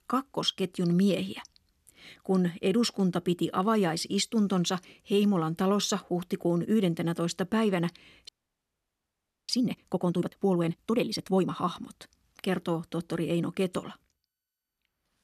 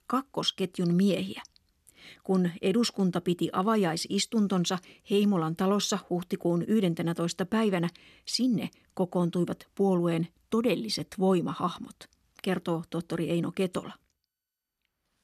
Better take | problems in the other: second | audio freezing; at 8.5 s for 1 s

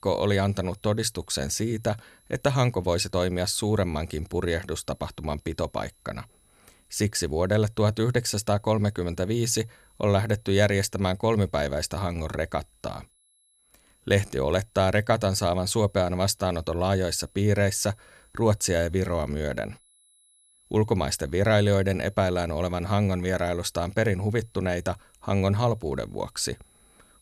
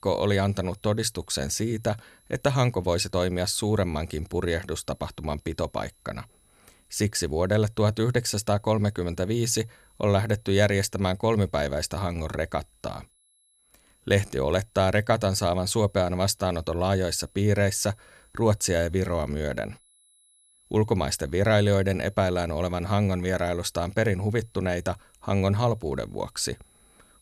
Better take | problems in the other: neither | high-pitched whine; faint; throughout; 11 kHz, 35 dB below the speech; the same in both

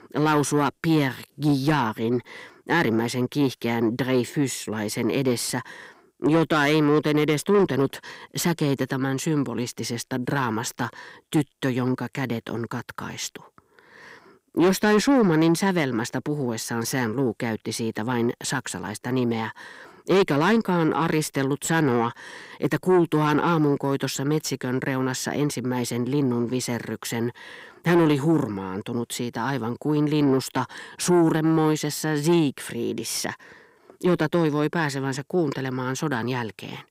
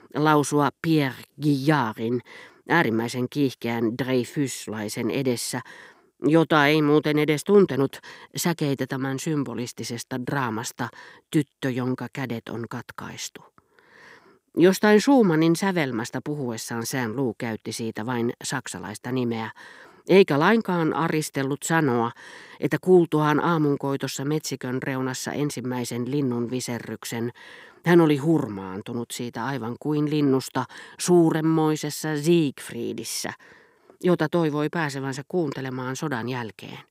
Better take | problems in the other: second | distortion; slight; 10 dB below the speech

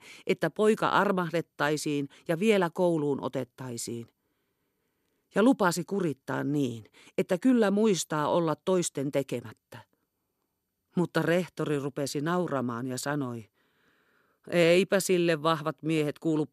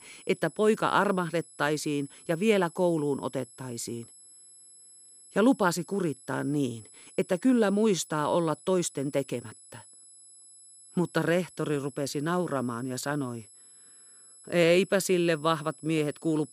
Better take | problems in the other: first | high-pitched whine; faint; throughout; 11 kHz, 20 dB below the speech

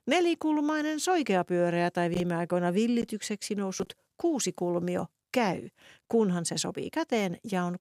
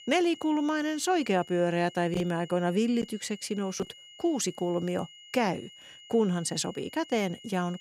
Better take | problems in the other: first | high-pitched whine; noticeable; throughout; 3 kHz, 20 dB below the speech

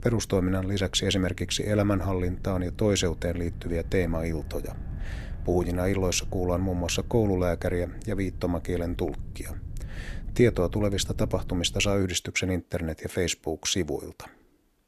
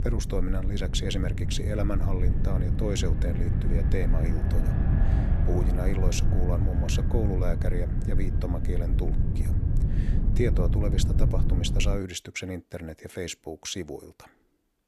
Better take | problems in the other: first | low rumble; loud; until 12 s; 5 dB below the speech; faint in the first

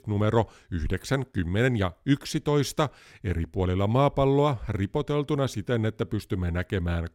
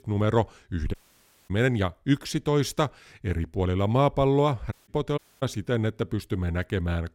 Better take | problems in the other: first | audio cutting out; at 1 s for 0.5 s, at 4.5 s and at 5 s

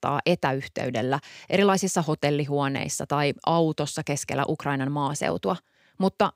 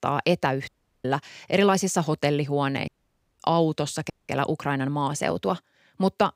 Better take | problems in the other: first | audio cutting out; at 0.5 s, at 3 s for 0.5 s and at 4 s

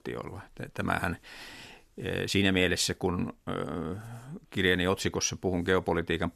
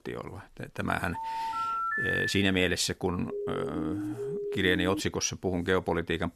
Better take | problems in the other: first | phone ringing; loud; from 1 to 2.5 s; peak 2 dB above the speech // siren; noticeable; from 3.5 to 5 s; peak 5 dB below the speech

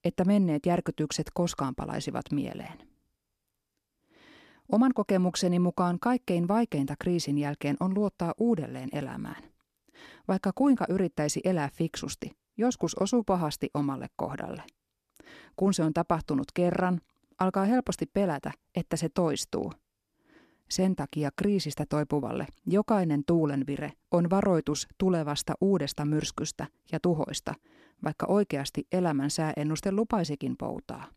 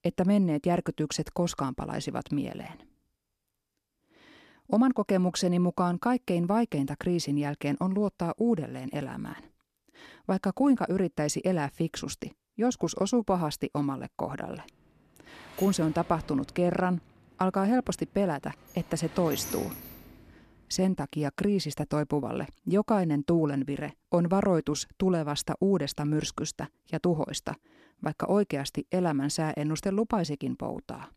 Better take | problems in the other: first | door banging; noticeable; from 15 to 20 s; peak 7 dB below the speech

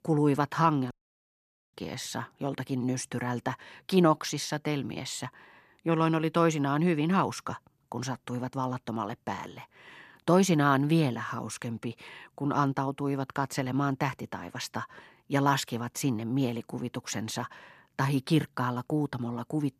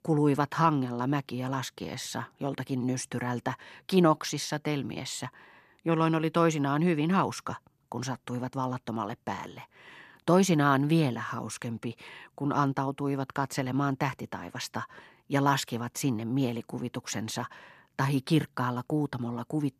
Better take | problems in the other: second | audio cutting out; at 1 s for 1 s

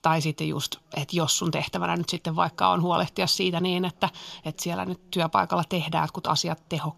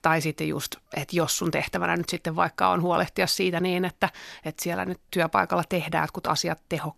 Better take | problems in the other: second | room echo; very slight; dies away in 3 s

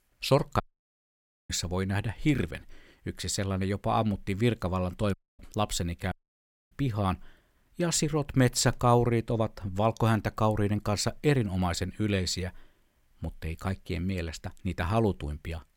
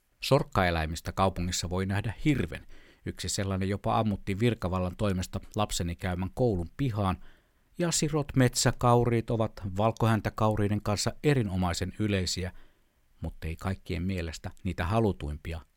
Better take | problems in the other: second | audio cutting out; at 0.5 s for 1 s, at 5 s and at 6 s for 0.5 s

